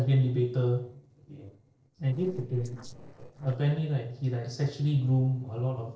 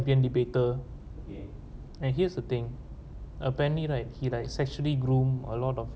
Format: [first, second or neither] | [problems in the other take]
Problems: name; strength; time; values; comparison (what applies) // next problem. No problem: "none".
second | noise reduction (neural separator model SepFormer DNS4)